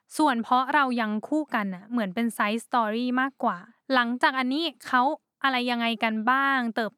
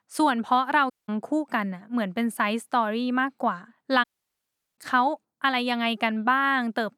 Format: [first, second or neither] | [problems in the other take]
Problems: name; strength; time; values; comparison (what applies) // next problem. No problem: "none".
first | audio cutting out; at 1 s and at 4 s for 0.5 s